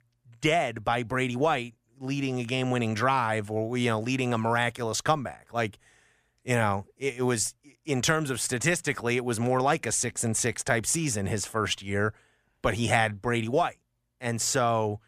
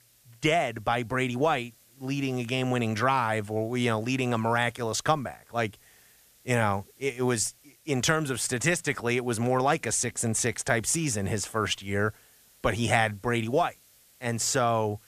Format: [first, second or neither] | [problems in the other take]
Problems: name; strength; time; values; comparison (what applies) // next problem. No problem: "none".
first | hiss; faint; throughout; 30 dB below the speech